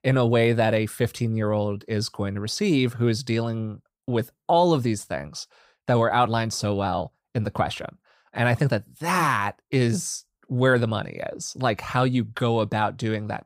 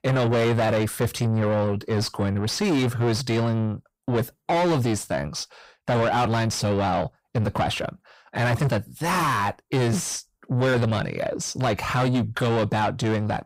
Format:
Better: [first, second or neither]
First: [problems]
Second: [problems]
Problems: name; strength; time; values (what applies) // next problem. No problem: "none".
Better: first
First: none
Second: distortion; heavy; 7 dB below the speech